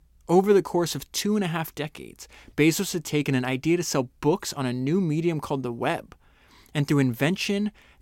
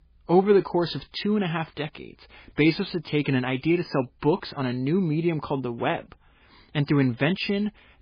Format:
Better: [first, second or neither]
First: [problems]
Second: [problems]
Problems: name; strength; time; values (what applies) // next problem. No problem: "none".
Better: first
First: none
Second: garbled, watery; badly; nothing above 5 kHz